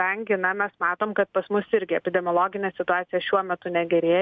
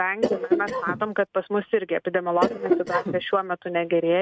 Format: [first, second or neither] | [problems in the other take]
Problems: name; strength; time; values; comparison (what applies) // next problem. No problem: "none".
first | noise reduction (neural mask model RNNoise)